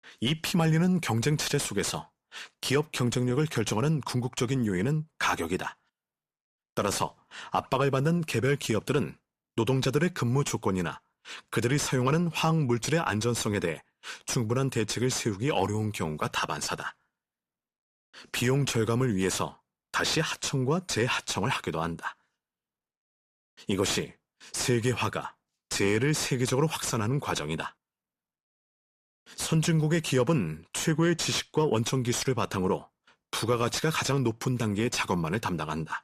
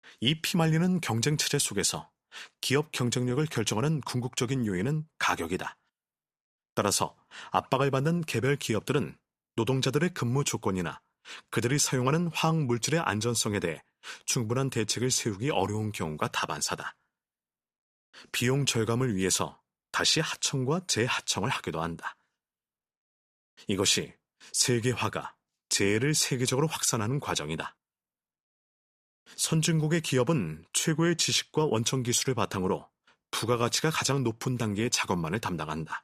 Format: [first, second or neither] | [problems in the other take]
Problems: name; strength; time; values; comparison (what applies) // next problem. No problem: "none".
second | distortion; slight; 10 dB below the speech